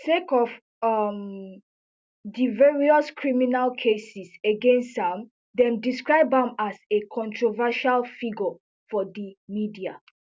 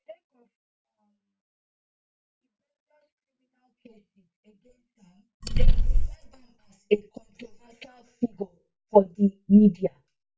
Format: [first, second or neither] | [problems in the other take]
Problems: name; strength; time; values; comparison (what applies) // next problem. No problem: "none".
first | noise reduction (neural mask model DeepFilterNet 3)